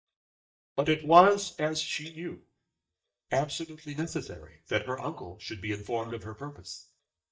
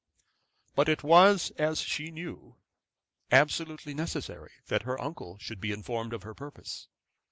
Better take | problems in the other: second | noise reduction (neural mask model DeepFilterNet 3)

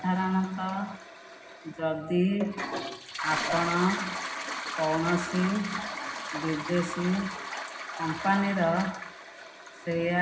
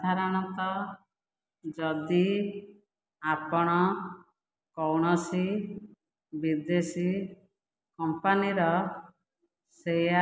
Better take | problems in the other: second | background sound (Toilet flush); 7 dB below the speech // room echo; dies away in 0.4 s

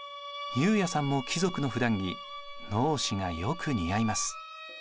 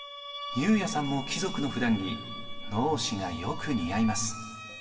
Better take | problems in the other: first | room echo; dies away in 1.8 s

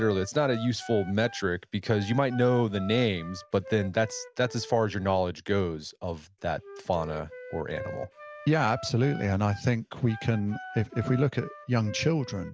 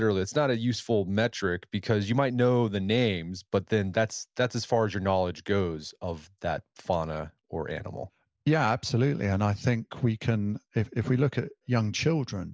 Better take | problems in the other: second | background sound (Wind instrument, woodwind instrument); 16 dB below the speech

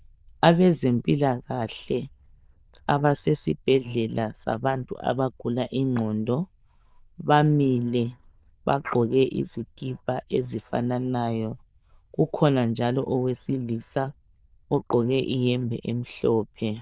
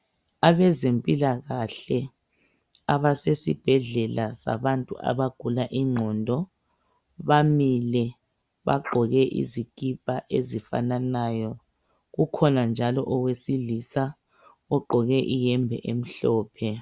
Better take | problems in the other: second | noise reduction (neural diffusion model UNIVERSE++)

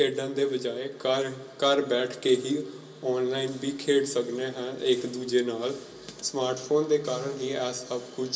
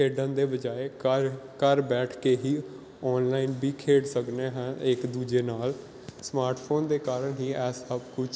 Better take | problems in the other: second | room echo; dies away in 0.2 s

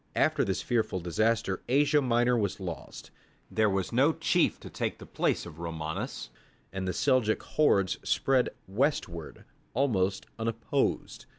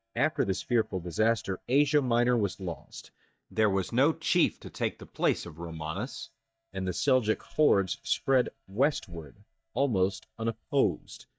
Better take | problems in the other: first | noise reduction (neural mask model DeepFilterNet 3)

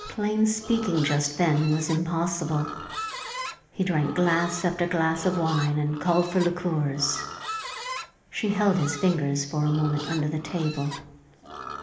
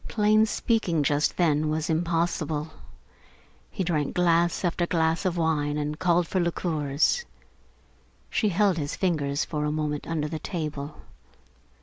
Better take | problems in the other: second | background sound (Livestock, farm animals, working animals); 12 dB below the speech // room echo; dies away in 1 s

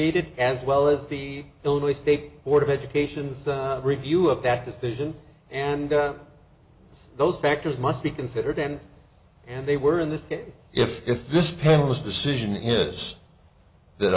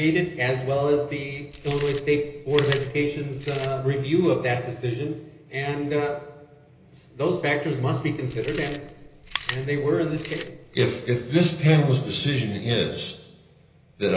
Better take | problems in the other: first | background sound (Chewing, mastication); 17 dB below the speech // room echo; dies away in 0.8 s

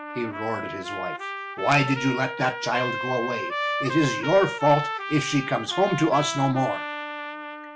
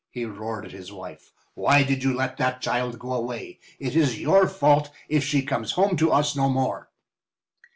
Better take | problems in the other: second | background sound (Trumpet); 6 dB below the speech

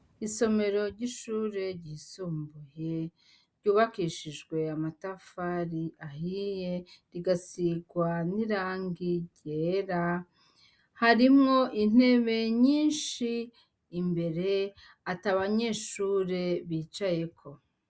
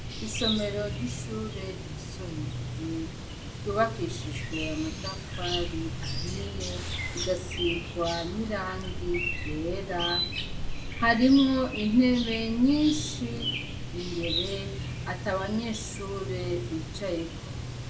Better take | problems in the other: first | background sound (Chirp, tweet); 4 dB below the speech // room echo; dies away in 0.5 s

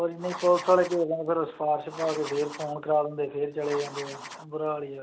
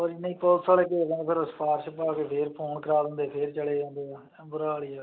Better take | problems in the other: second | background sound (Writing); 15 dB below the speech

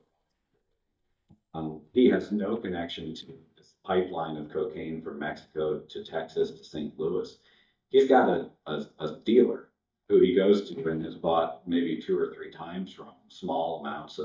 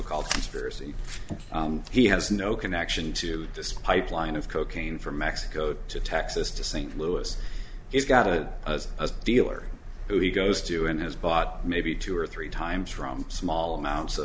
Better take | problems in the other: second | noise reduction (neural mask model DeepFilterNet 3)

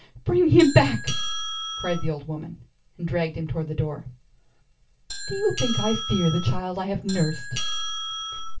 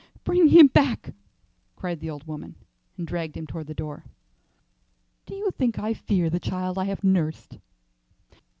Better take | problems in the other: second | background sound (Doorbell); 4 dB below the speech // room echo; dies away in 0.2 s

